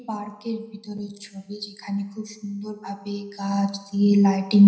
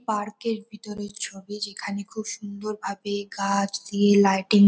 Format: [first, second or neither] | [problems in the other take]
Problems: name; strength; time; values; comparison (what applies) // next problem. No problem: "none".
second | room echo; dies away in 0.9 s